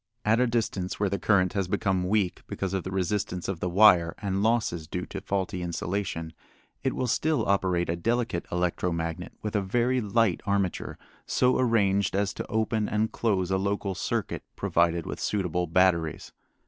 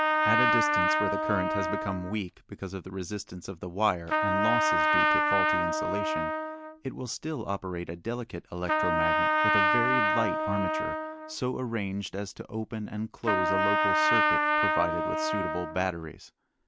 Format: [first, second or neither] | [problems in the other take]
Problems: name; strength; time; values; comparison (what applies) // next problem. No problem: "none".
first | background sound (Trumpet); 5 dB above the speech